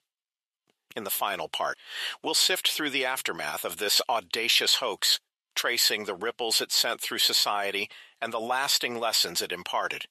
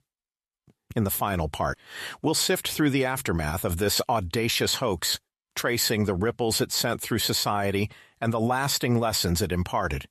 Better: second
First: thin; very; fading below 500 Hz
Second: none

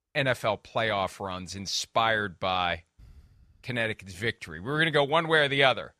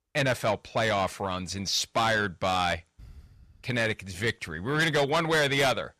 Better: first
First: none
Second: distortion; heavy; 8 dB below the speech

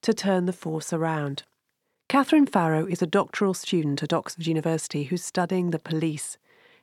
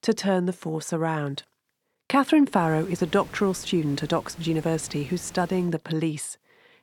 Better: first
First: none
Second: hiss; faint; from 2.5 to 5.5 s; 20 dB below the speech

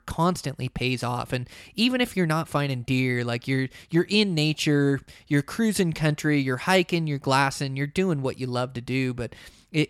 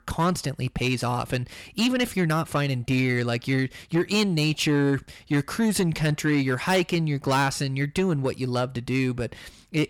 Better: first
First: none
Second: distortion; slight; 10 dB below the speech

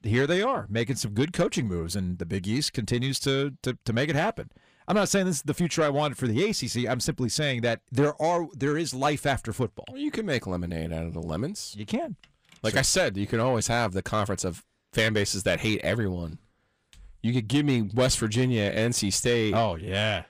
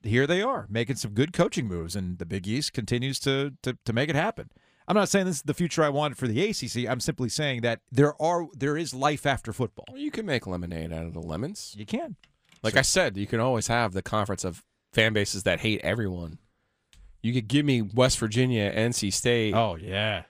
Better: second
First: distortion; slight; 10 dB below the speech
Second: none

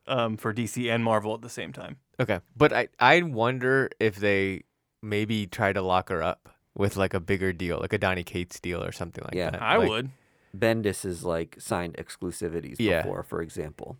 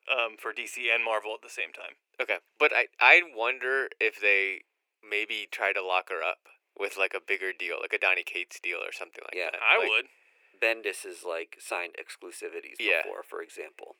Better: first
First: none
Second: thin; very; fading below 400 Hz

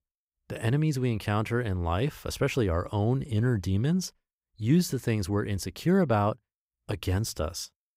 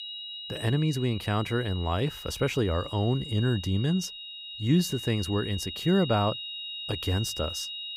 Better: first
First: none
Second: high-pitched whine; loud; throughout; 4 kHz, 8 dB below the speech

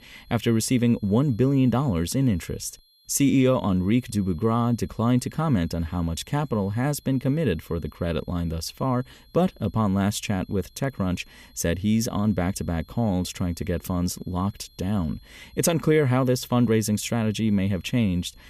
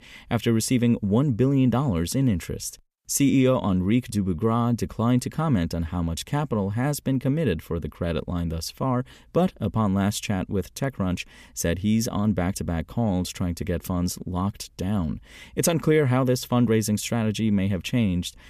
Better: second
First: high-pitched whine; faint; throughout; 4 kHz, 30 dB below the speech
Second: none

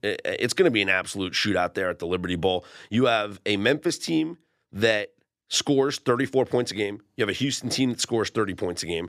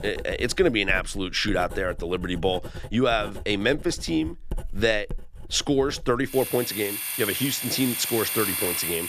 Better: first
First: none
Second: household noises; loud; throughout; 6 dB below the speech

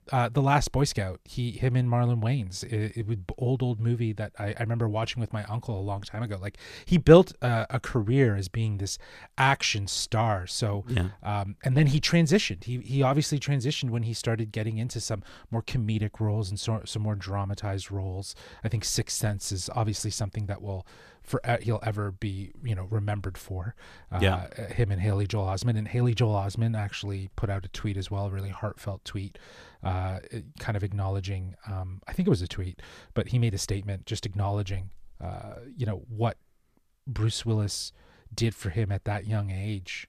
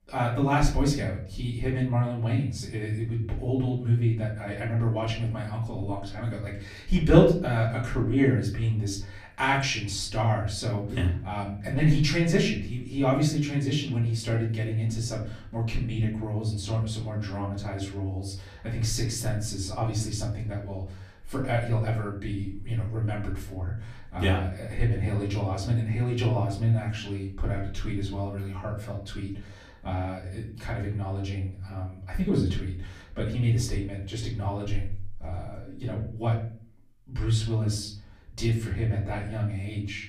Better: first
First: none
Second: room echo; slight; dies away in 0.5 s // off-mic speech; far

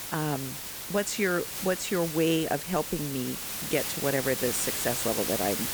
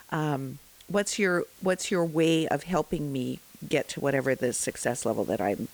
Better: second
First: hiss; loud; throughout; 3 dB below the speech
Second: hiss; faint; throughout; 25 dB below the speech

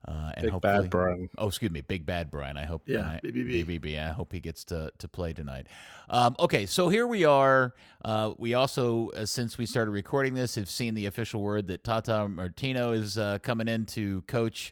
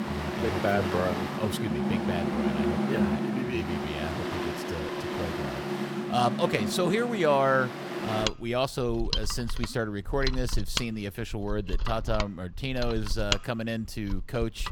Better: first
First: none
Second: machinery noise; loud; throughout; 2 dB below the speech

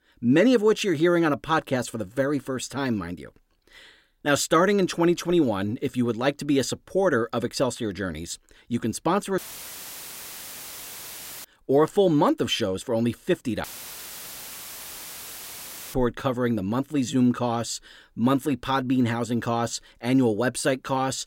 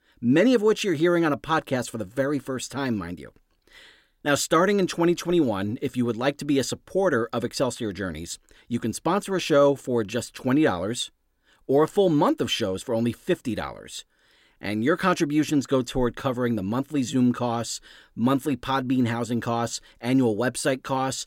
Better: second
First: audio cutting out; filled with static; at 9.5 s for 2 s and at 14 s for 2.5 s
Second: none

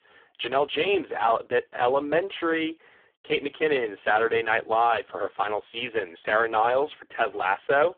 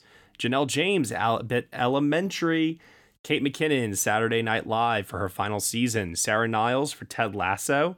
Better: second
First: phone-call audio; poor line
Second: none

